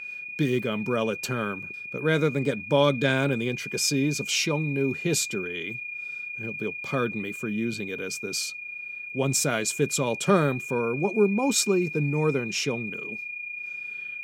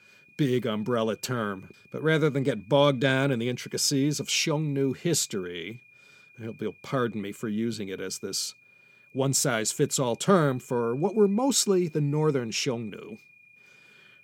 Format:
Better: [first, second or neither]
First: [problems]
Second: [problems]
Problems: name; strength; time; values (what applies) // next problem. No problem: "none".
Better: second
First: high-pitched whine; loud; throughout; 2.5 kHz, 8 dB below the speech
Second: high-pitched whine; faint; throughout; 2.5 kHz, 30 dB below the speech